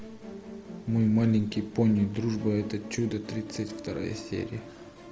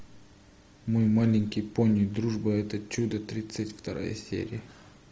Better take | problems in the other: second | background sound (Musical instrument); 14 dB below the speech

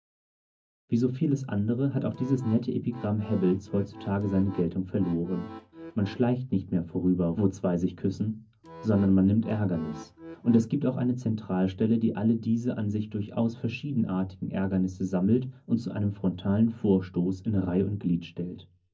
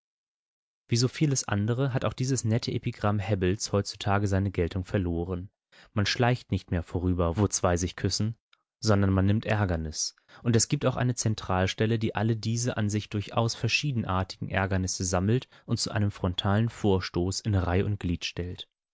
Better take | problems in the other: second | background sound (Accordion); 17 dB below the speech // room echo; dies away in 0.4 s

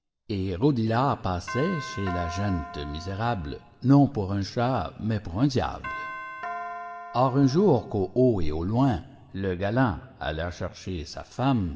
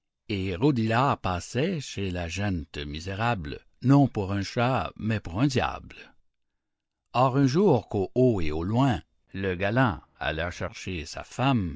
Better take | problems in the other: second | background sound (Doorbell); 12 dB below the speech // room echo; dies away in 1.4 s

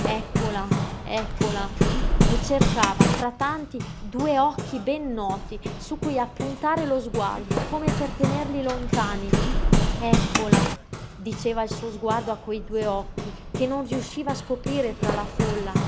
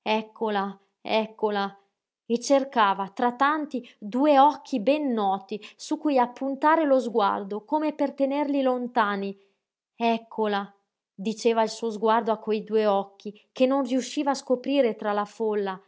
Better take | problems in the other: second | background sound (Hammer); 3 dB above the speech

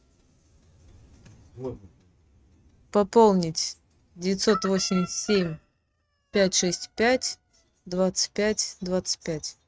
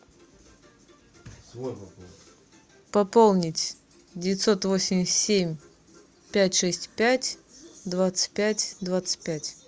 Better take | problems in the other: second | noise reduction (neural mask model RNNoise)

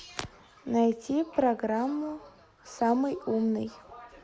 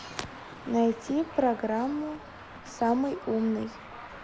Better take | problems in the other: first | background sound (Traffic noise, roadway noise); 15 dB below the speech

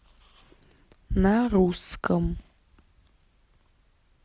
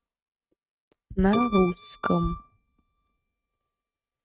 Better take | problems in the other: first | noise reduction (neural mask model RNNoise)

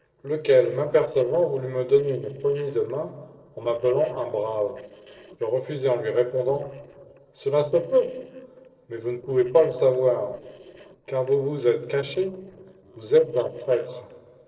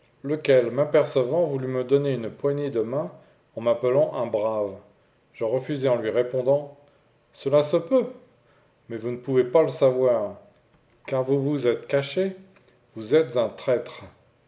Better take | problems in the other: second | noise reduction (neural separator model SepFormer DNS4)

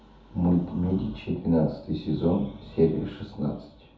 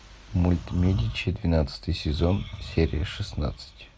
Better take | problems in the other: second | room echo; dies away in 0.5 s

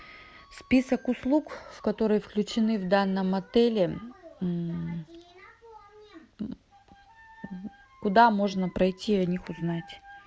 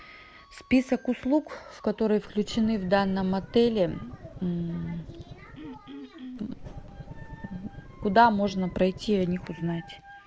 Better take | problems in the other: first | background sound (Engine starting / Car + Cough); 15 dB below the speech

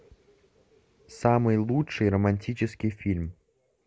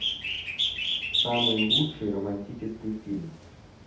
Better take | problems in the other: first | background sound (Bird); 1 dB above the speech // room echo; dies away in 0.6 s

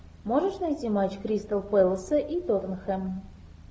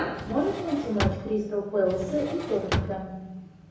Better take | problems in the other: first | background sound (Drawer open or close); 5 dB below the speech // room echo; dies away in 0.9 s

